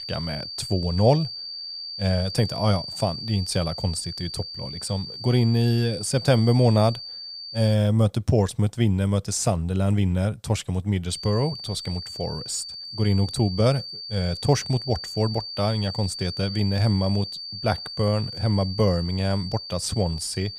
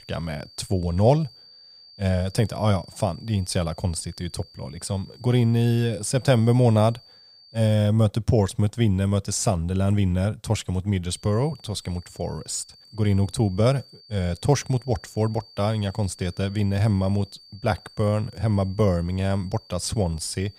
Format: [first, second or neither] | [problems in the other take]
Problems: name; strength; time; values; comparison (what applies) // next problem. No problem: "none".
second | high-pitched whine; loud; until 7.5 s and from 11 s on; 4.5 kHz, 9 dB below the speech; faint in the second